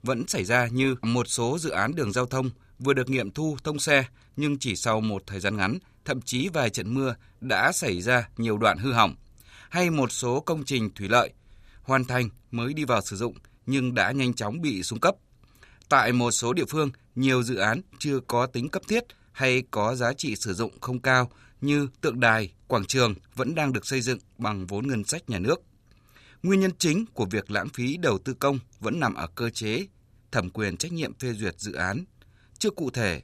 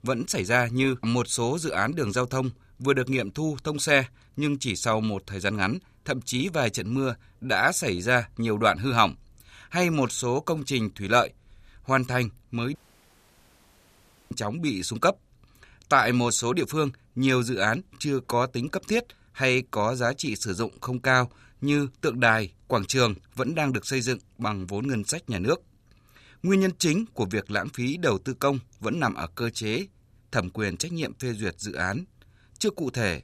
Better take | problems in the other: first | audio cutting out; at 13 s for 1.5 s

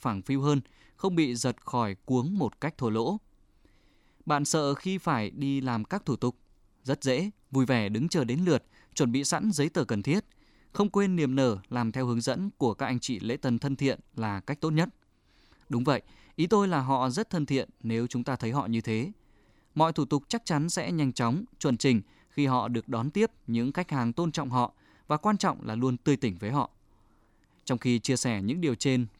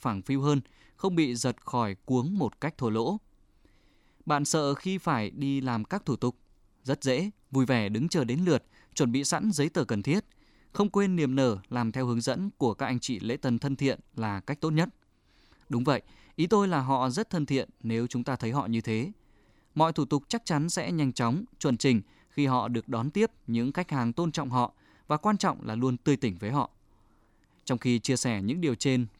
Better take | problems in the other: neither | none

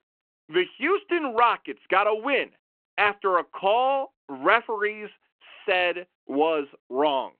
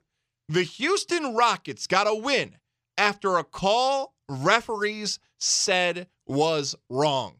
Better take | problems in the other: second | phone-call audio

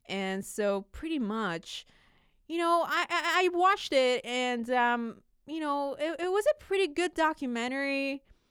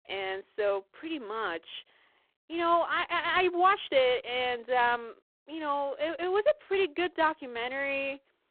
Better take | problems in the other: first | phone-call audio; poor line

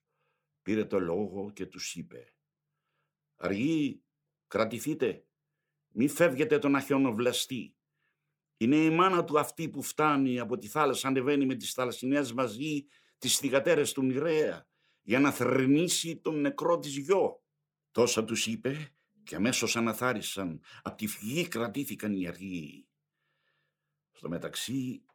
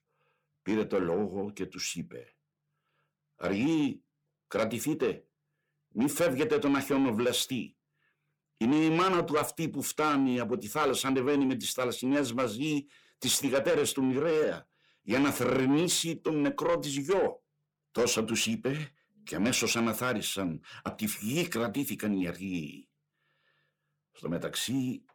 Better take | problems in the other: first | distortion; slight; 10 dB below the speech

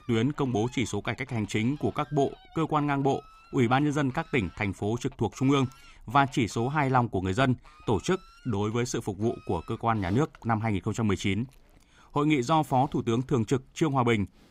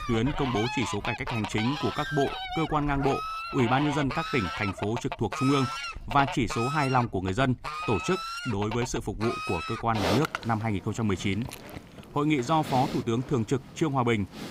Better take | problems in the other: first | animal sounds; loud; throughout; 6 dB below the speech; faint in the first

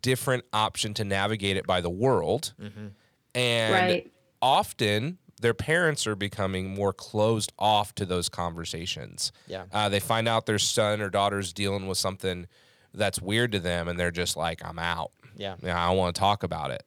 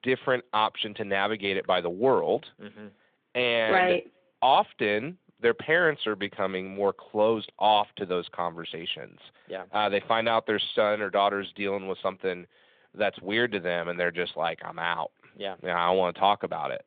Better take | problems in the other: first | phone-call audio

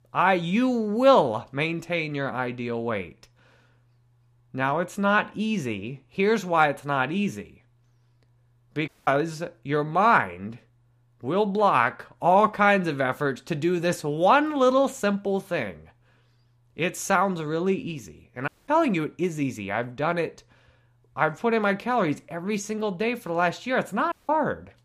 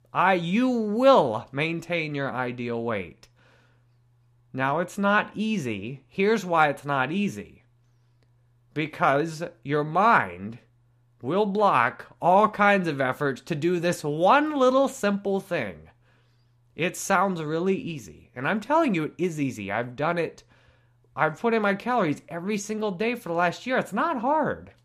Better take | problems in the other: second | audio cutting out; at 9 s, at 18 s and at 24 s

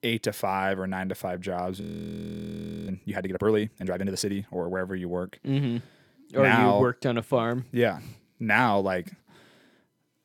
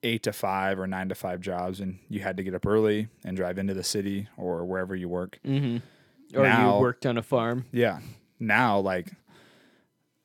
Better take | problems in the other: second | audio freezing; at 2 s for 1 s

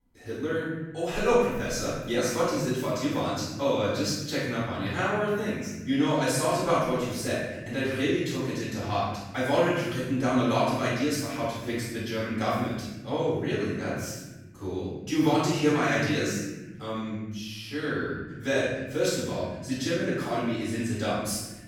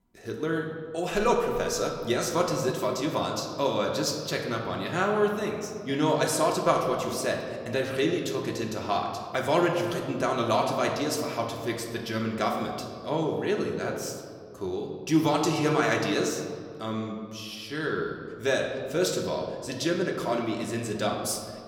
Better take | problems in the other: second | room echo; strong; dies away in 1.3 s; slight in the second // off-mic speech; far; somewhat distant in the second

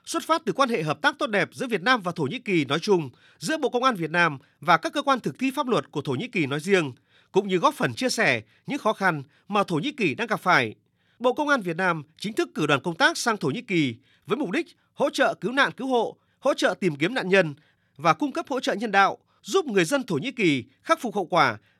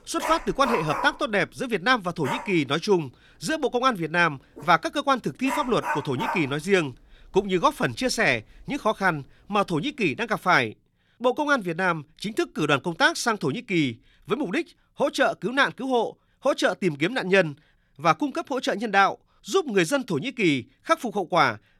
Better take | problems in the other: first | animal sounds; loud; throughout; 8 dB below the speech

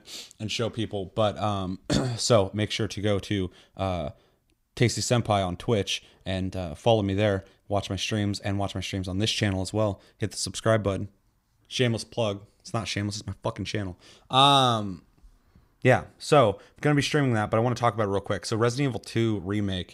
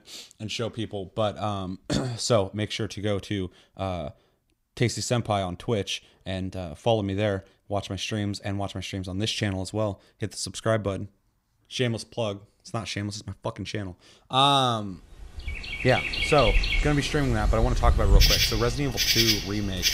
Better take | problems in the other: first | animal sounds; very loud; from 15 s on; 3 dB above the speech

